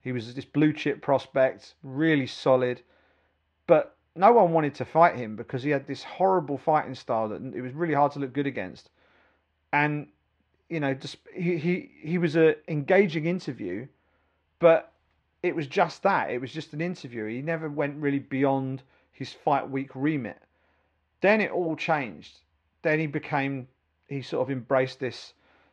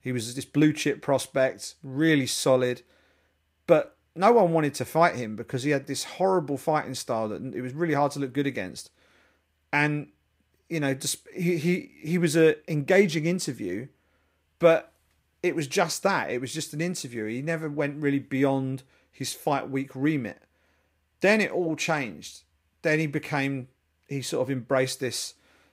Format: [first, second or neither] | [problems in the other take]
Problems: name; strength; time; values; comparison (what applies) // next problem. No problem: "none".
second | muffled; slightly; fading above 3.5 kHz